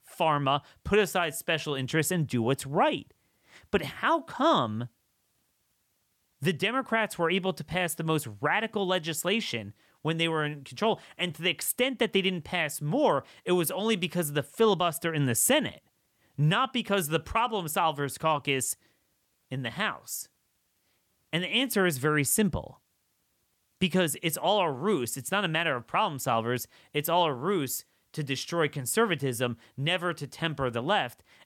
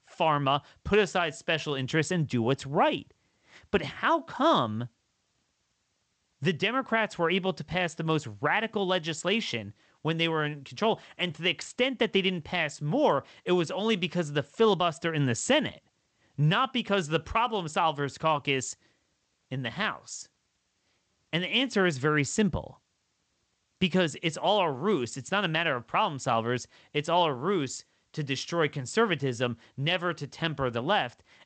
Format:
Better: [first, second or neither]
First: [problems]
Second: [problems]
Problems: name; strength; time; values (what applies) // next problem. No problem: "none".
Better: first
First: none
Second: garbled, watery; slightly; nothing above 8 kHz